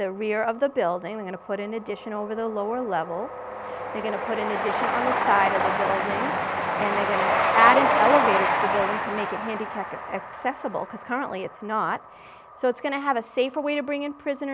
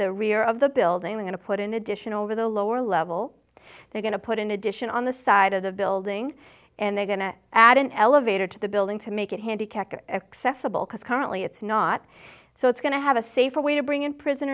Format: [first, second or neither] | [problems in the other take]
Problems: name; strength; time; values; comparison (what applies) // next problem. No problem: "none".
second | background sound (Train); as loud as the speech